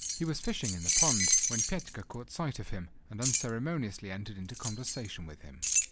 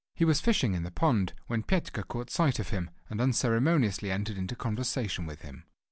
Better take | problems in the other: second | background sound (Keys jangling); 3 dB above the speech

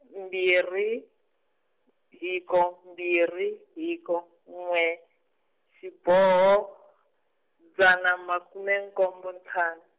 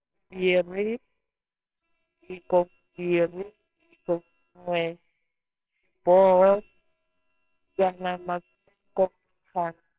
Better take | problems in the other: first | noise reduction (neural separator model SepFormer WHAMR!)

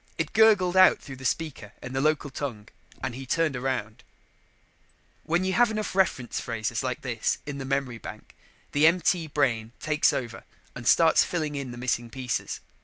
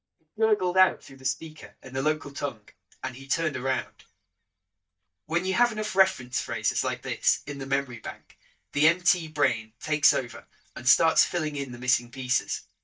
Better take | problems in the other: first | noise reduction (neural mask model DeepFilterNet 3)

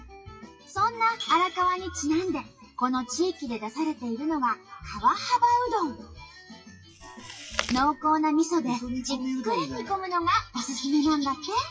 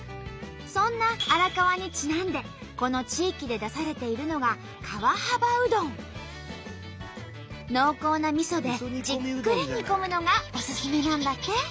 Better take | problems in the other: second | noise reduction (classical method WPE with log-MMSE)

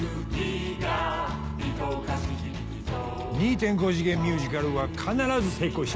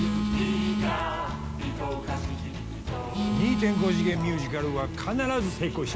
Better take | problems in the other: first | background sound (Telephone); 3 dB below the speech

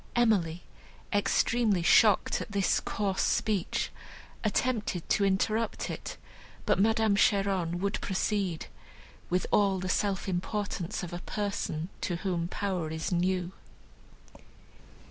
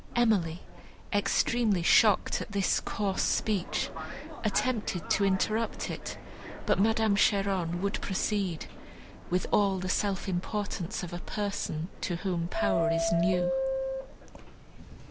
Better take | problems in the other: first | background sound (Subway, metro, underground); 9 dB below the speech

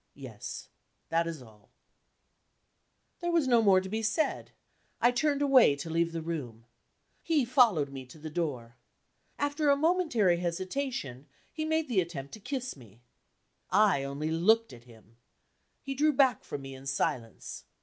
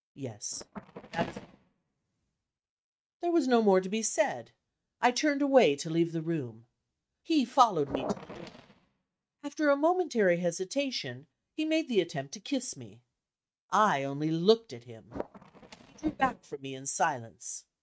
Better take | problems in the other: first | noise reduction (neural mask model RNNoise)

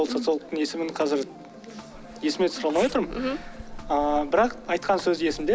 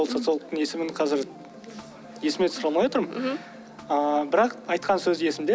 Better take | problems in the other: second | background sound (Telephone + Zipper (clothing)); 16 dB below the speech

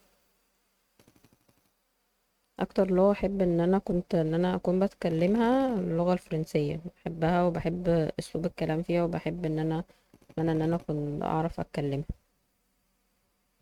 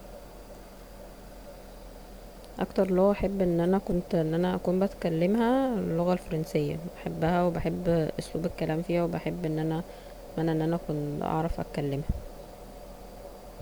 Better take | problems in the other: second | noise reduction (neural mask model RNNoise)

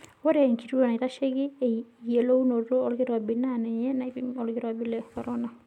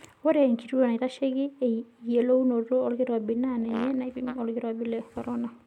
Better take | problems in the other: first | background sound (Fart); 16 dB below the speech

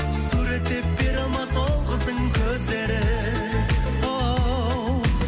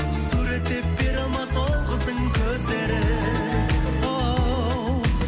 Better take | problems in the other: first | background sound (Bowed string instrument + Piano); 11 dB below the speech

